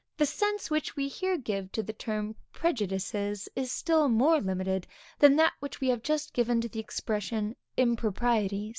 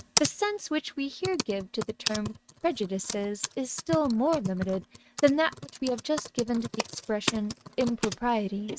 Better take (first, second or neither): first